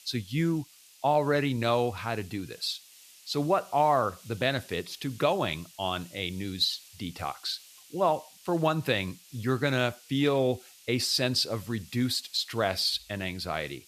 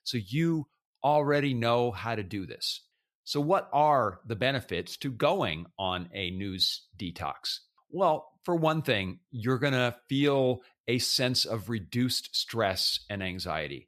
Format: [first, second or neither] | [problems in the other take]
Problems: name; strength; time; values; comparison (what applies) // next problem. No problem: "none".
second | hiss; faint; throughout; 20 dB below the speech